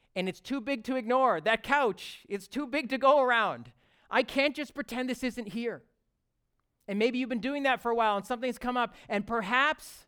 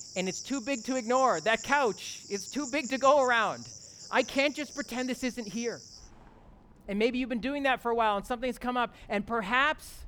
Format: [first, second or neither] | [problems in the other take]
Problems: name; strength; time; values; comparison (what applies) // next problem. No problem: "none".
first | animal sounds; noticeable; throughout; 15 dB below the speech